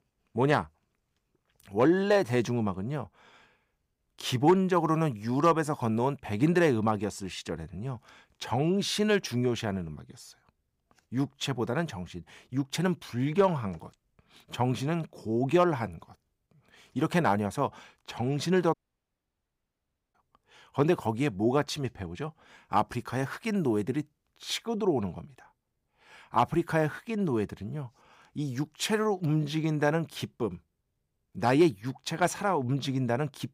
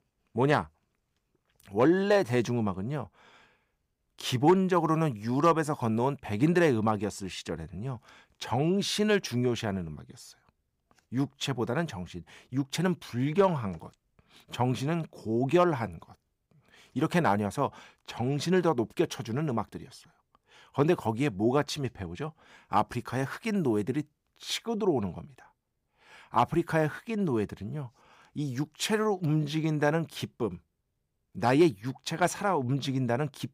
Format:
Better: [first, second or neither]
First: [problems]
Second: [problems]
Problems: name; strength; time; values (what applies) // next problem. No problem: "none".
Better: second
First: audio cutting out; at 19 s for 1.5 s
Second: none